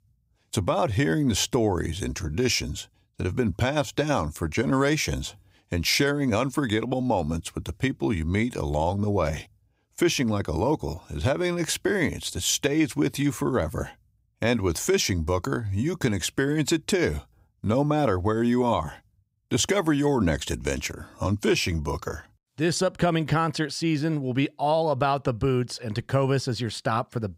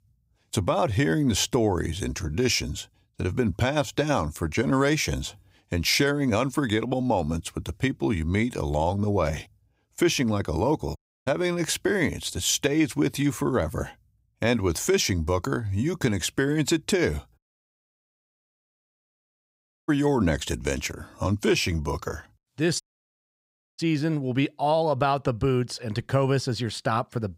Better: first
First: none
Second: audio cutting out; at 11 s, at 17 s for 2.5 s and at 23 s for 1 s

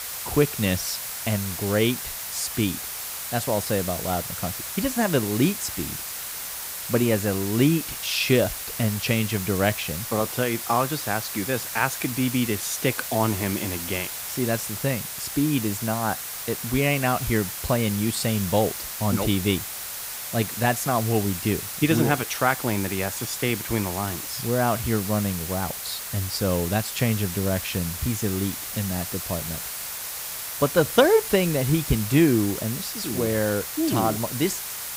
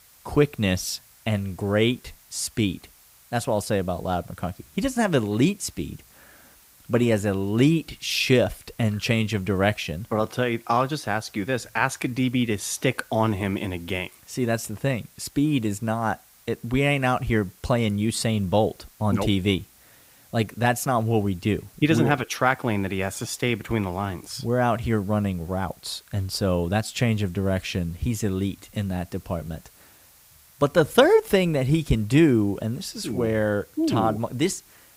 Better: second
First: hiss; loud; throughout; 5 dB below the speech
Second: hiss; faint; throughout; 25 dB below the speech

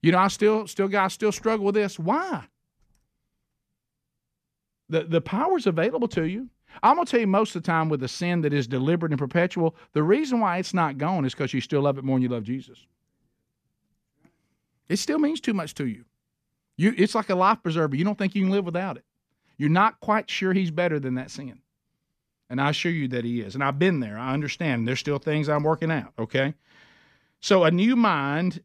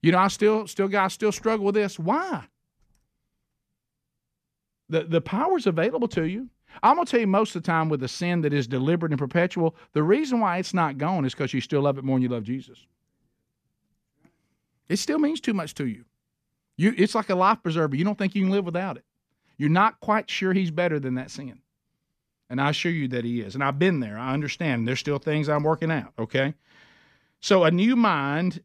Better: neither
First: none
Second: none

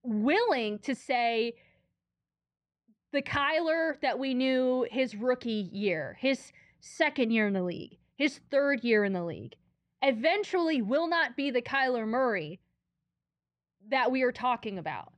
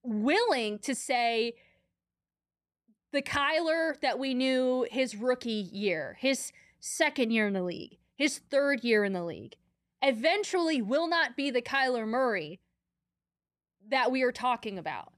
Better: second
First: muffled; very slightly; fading above 3.5 kHz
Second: none

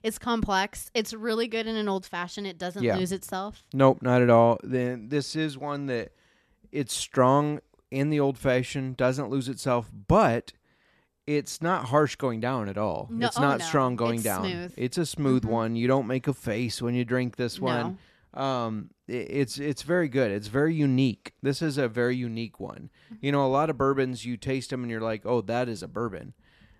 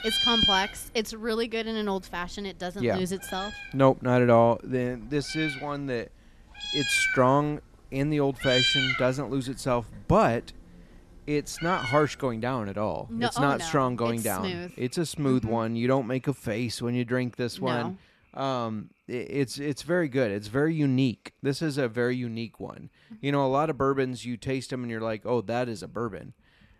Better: first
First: none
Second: animal sounds; very loud; throughout; as loud as the speech

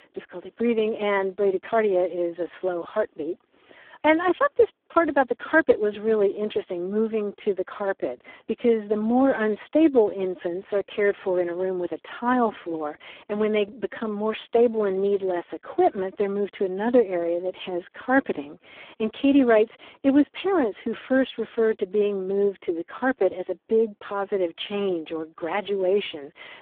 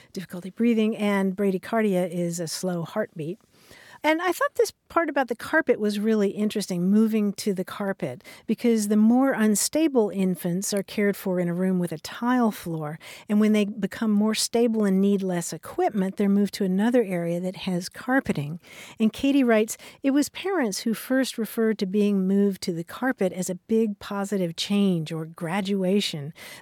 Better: second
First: phone-call audio; poor line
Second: none

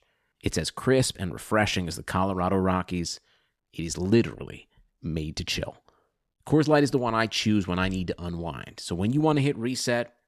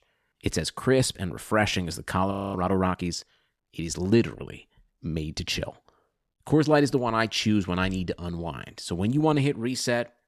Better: first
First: none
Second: audio freezing; at 2.5 s

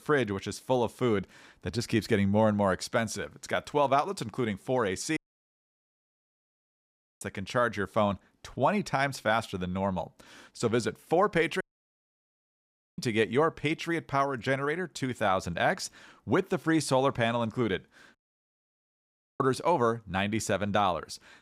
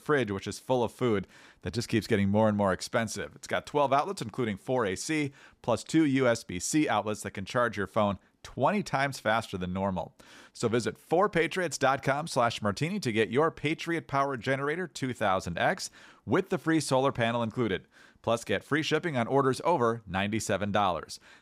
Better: second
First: audio cutting out; at 5 s for 2 s, at 12 s for 1.5 s and at 18 s for 1.5 s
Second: none

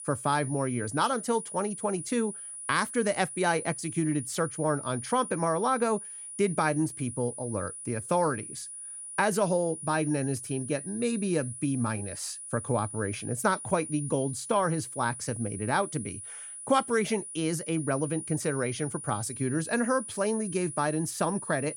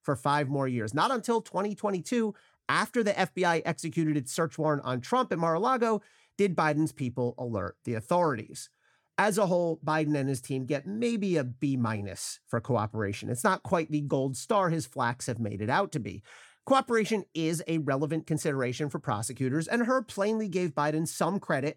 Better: second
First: high-pitched whine; loud; throughout; 9.5 kHz, 9 dB below the speech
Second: none

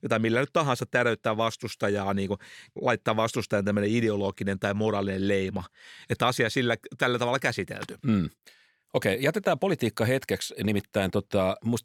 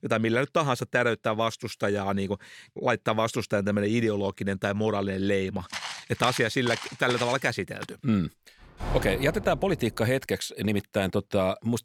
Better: first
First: none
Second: footsteps; noticeable; from 5.5 to 7.5 s; peak 7 dB below the speech // door banging; noticeable; from 9 to 10 s; peak 6 dB below the speech

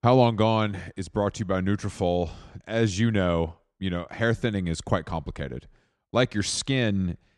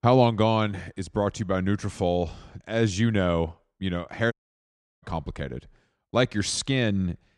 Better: first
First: none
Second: audio cutting out; at 4.5 s for 0.5 s

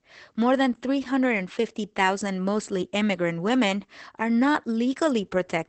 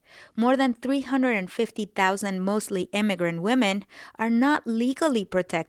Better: second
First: garbled, watery; badly; nothing above 8 kHz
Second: garbled, watery; slightly; nothing above 15.5 kHz

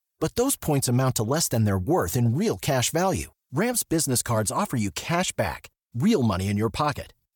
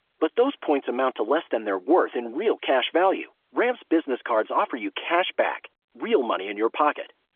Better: first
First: none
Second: phone-call audio; nothing above 3.5 kHz

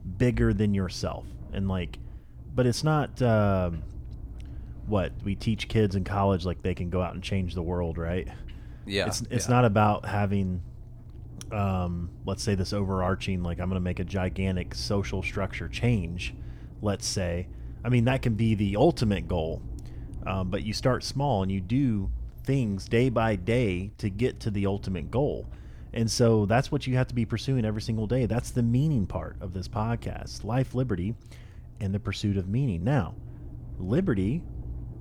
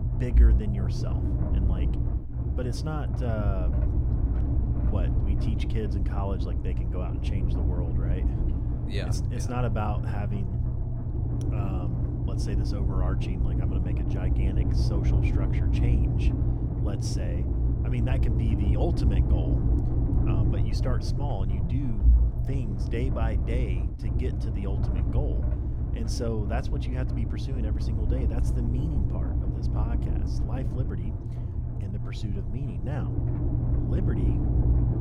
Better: first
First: low rumble; faint; throughout; 25 dB below the speech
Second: low rumble; loud; throughout; as loud as the speech

